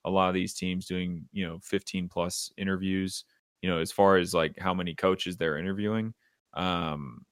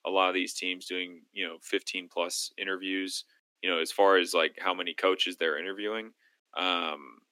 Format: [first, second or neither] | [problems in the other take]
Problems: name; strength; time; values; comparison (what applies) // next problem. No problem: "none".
first | thin; somewhat; fading below 250 Hz